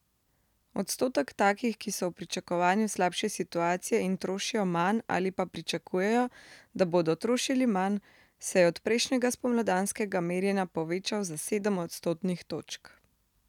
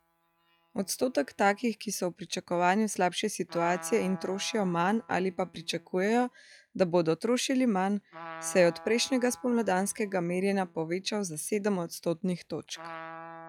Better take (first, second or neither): first